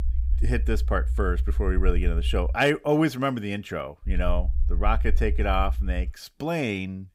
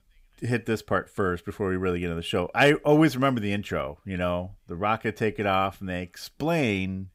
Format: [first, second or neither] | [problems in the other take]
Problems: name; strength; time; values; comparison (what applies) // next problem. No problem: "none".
second | low rumble; faint; until 2.5 s and from 4 to 6 s; 20 dB below the speech